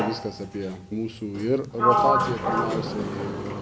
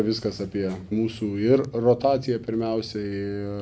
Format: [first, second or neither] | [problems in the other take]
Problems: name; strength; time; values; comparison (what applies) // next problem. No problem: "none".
second | background sound (Sliding door); 2 dB above the speech